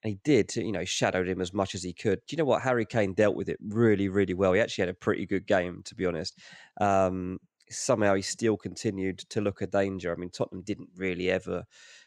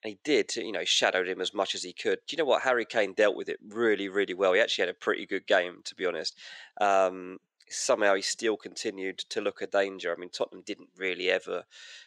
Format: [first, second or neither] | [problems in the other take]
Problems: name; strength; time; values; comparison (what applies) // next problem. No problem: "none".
first | thin; somewhat; fading below 450 Hz